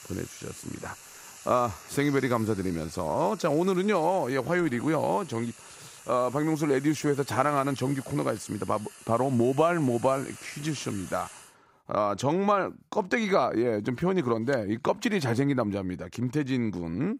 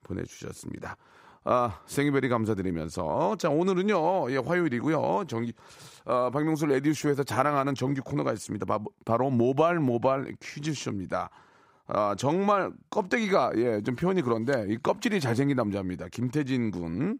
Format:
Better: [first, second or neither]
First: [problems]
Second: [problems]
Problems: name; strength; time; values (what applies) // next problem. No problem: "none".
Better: second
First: household noises; noticeable; throughout; 20 dB below the speech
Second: none